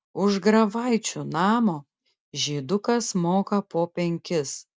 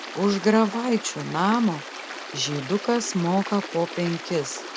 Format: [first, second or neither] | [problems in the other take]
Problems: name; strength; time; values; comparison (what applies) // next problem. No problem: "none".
first | background sound (Stream); 11 dB below the speech